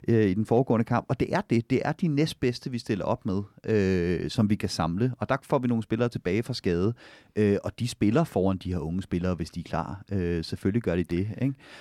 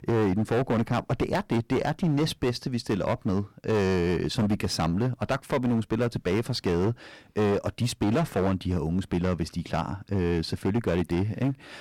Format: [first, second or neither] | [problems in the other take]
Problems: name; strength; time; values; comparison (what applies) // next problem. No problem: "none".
first | distortion; heavy; 18% of the sound clipped